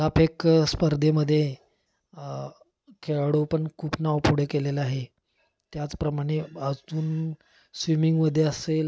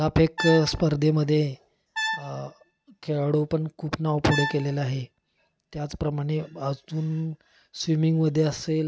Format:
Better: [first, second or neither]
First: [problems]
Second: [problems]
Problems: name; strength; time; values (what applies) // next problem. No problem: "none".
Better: first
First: none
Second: background sound (Brass instrument); 9 dB below the speech